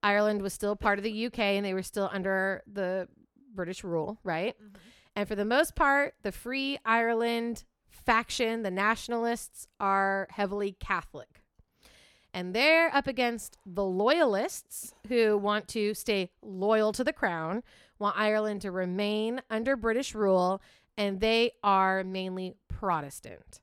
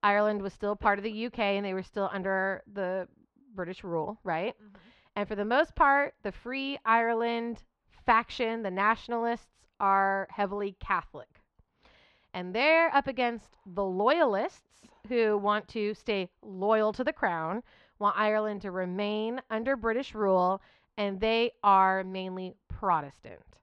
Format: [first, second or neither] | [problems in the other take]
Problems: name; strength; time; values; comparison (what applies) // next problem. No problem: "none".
first | muffled; slightly; fading above 4 kHz